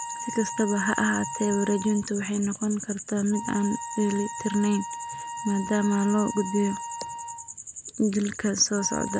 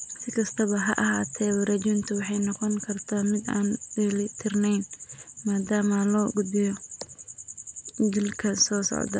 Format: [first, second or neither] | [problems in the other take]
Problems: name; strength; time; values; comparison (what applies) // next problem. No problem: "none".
second | background sound (Wind instrument, woodwind instrument); 11 dB below the speech